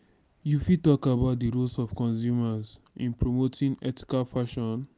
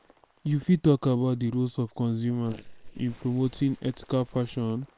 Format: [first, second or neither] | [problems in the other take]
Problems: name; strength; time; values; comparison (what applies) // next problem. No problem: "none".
first | noise reduction (neural separator model SepFormer WHAM!)